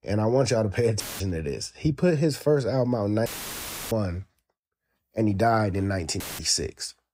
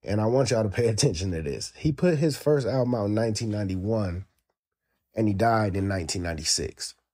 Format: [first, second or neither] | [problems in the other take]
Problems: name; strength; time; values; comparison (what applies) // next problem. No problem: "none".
second | audio cutting out; filled with static; at 1 s, at 3.5 s for 0.5 s and at 6 s